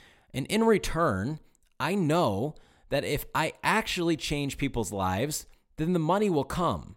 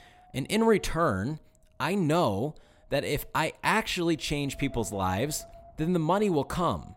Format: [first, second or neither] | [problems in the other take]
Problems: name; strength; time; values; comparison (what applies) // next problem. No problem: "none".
first | wind noise on the microphone; occasional gusts; 25 dB below the speech